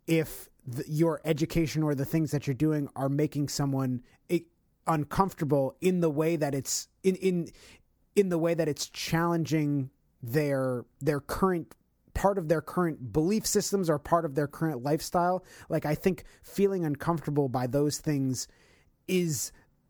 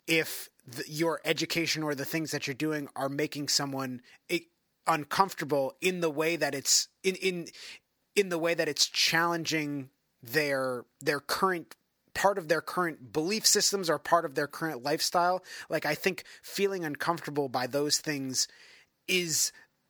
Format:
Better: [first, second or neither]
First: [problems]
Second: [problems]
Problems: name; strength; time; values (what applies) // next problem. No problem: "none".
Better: first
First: none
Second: thin; somewhat; fading below 650 Hz